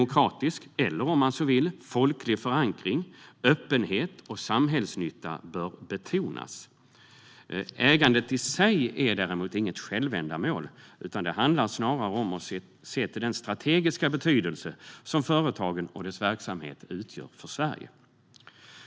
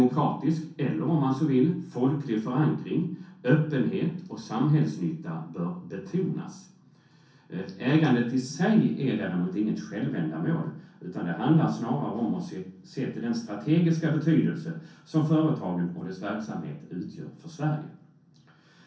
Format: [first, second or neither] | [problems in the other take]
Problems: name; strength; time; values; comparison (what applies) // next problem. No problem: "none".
first | room echo; dies away in 0.6 s